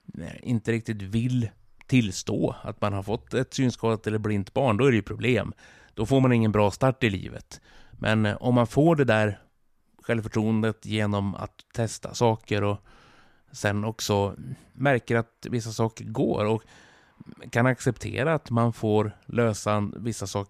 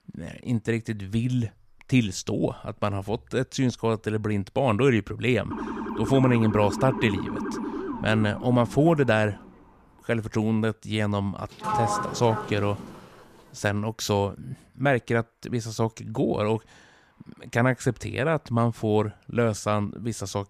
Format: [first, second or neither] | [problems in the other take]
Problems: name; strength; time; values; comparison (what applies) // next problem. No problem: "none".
first | siren; noticeable; from 5.5 to 9.5 s; peak 5 dB below the speech // door banging; noticeable; from 12 to 13 s; peak level with the speech